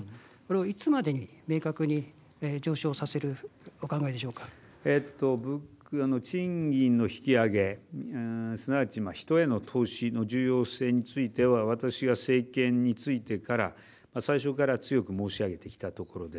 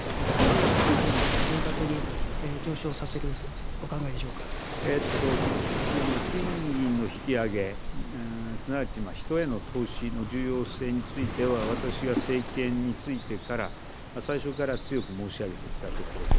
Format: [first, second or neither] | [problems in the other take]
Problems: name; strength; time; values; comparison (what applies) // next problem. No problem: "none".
first | background sound (Waves, surf + Water); 2 dB above the speech